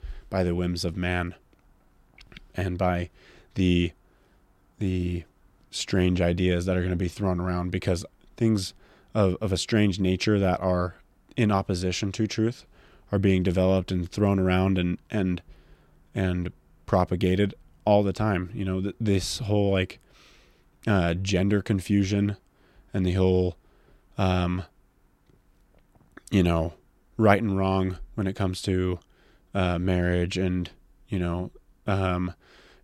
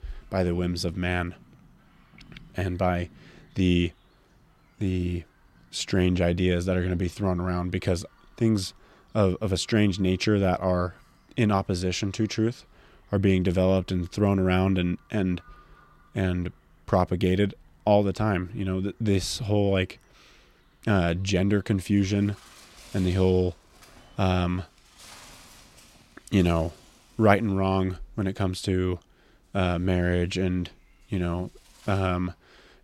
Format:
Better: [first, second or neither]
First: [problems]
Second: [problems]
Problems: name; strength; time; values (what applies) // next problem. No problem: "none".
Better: first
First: none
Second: animal sounds; faint; throughout; 30 dB below the speech